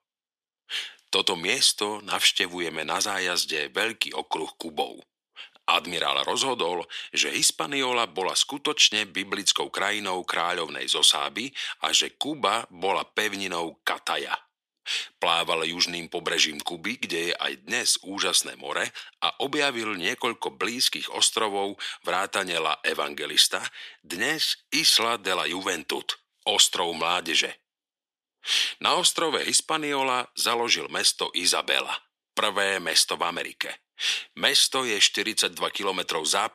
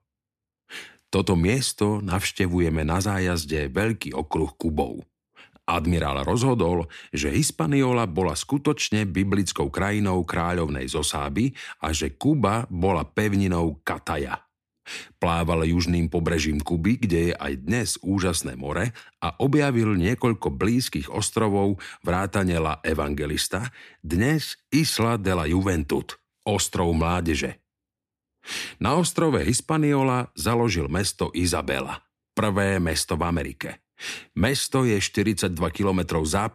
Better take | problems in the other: second | thin; very; fading below 550 Hz

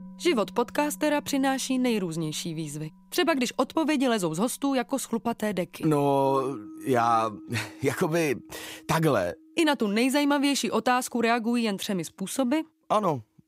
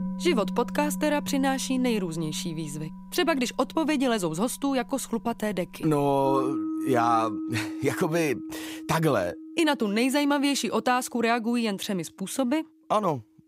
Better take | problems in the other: first | background music; loud; throughout; 9 dB below the speech; faint in the first

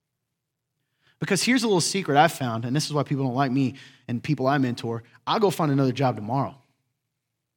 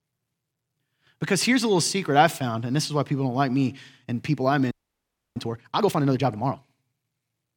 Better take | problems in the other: first | audio freezing; at 4.5 s for 0.5 s

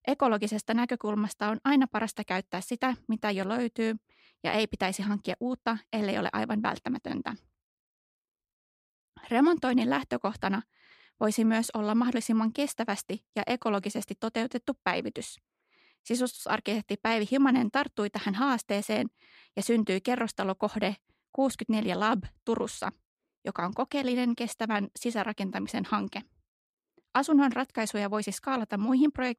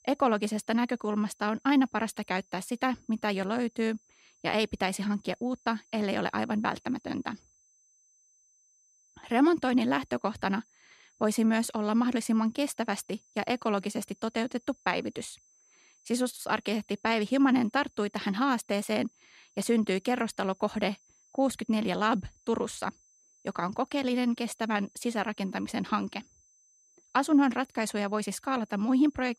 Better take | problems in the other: first | high-pitched whine; faint; throughout; 6 kHz, 35 dB below the speech

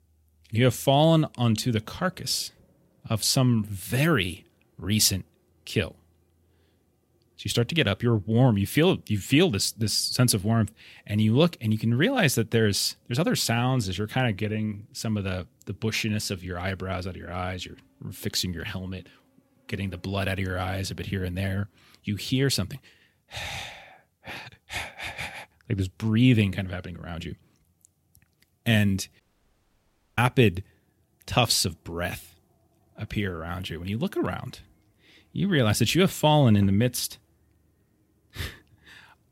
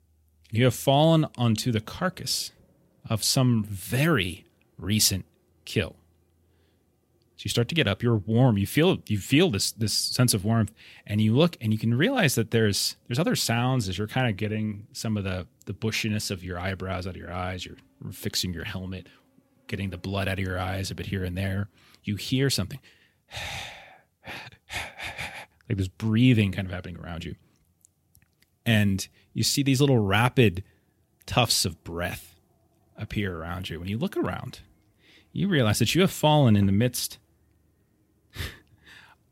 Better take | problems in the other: second | audio cutting out; at 29 s for 1 s

